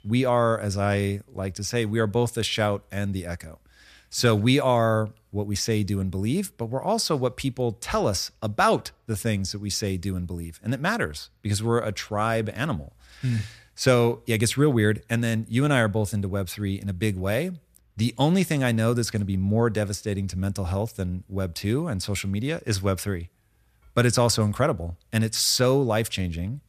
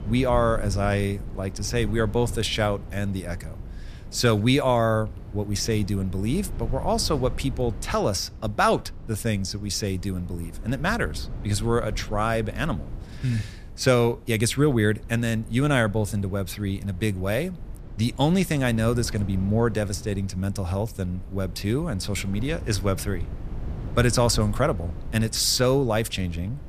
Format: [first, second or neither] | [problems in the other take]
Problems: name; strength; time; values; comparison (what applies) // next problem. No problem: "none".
first | low rumble; faint; throughout; 20 dB below the speech